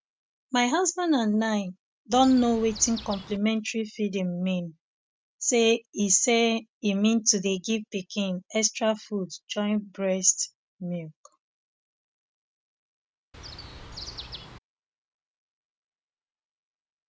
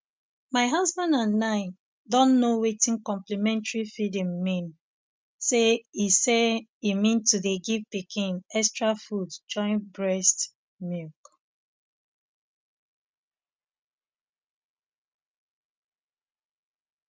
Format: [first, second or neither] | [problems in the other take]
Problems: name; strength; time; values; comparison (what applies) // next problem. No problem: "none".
second | background sound (Chirp, tweet); 13 dB below the speech